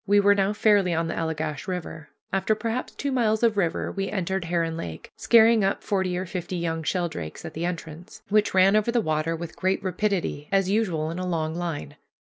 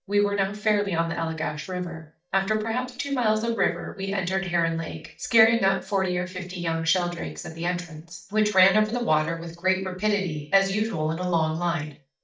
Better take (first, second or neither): first